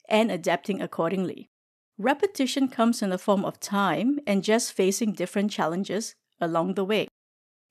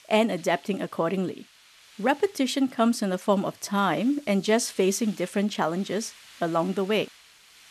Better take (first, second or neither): first